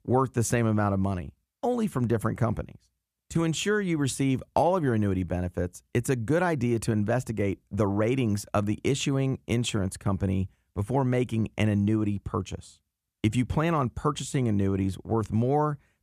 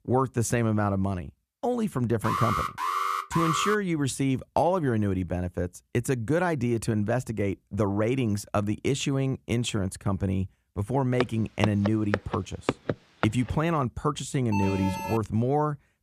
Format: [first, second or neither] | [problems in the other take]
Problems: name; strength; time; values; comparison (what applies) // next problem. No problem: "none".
first | alarm; loud; from 2 to 4 s; peak level with the speech // footsteps; noticeable; from 11 to 13 s; peak 3 dB below the speech // alarm; noticeable; at 15 s; peak 4 dB below the speech